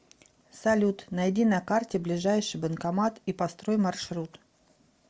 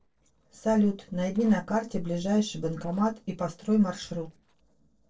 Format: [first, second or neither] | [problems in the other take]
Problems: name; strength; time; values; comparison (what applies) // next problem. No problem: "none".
first | noise reduction (neural separator model SepFormer DNS4)